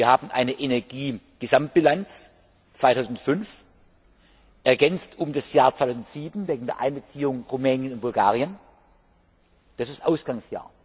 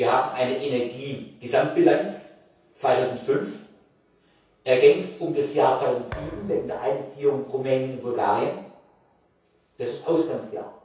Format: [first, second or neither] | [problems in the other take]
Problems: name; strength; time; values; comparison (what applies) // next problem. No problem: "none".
first | background sound (Thump, thud); 16 dB below the speech // room echo; dies away in 0.6 s